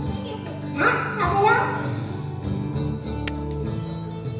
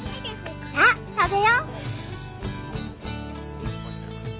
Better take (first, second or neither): second